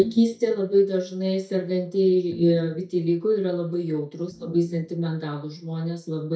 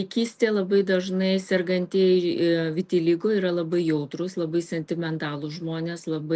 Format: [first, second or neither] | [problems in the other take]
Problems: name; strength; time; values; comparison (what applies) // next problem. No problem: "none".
second | noise reduction (neural mask model DeepFilterNet 3)